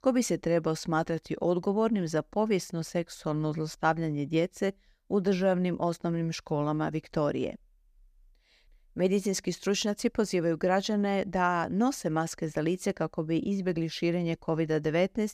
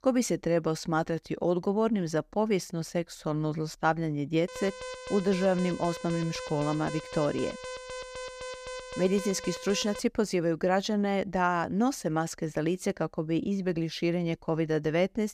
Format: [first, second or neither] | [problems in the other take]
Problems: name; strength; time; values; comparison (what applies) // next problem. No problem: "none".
first | alarm; noticeable; from 4.5 to 10 s; peak 9 dB below the speech